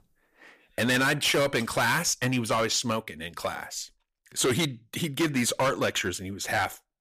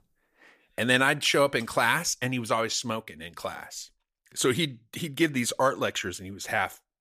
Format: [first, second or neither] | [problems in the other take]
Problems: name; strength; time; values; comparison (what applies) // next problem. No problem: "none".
second | distortion; heavy; 10% of the sound clipped